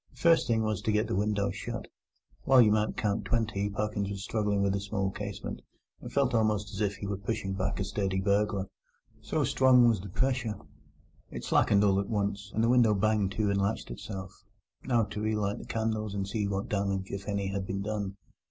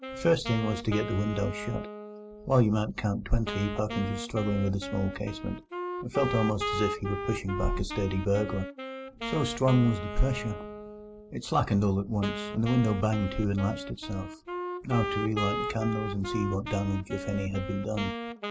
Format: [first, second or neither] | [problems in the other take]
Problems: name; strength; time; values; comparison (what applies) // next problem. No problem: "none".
first | background sound (Wind instrument, woodwind instrument); 8 dB below the speech